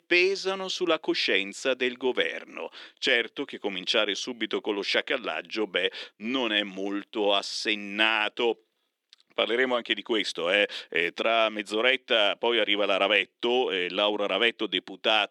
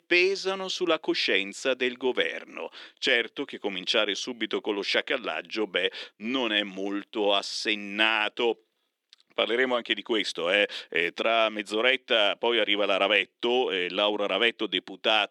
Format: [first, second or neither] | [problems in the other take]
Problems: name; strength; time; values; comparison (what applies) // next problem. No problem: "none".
neither | thin; somewhat; fading below 300 Hz; the same in both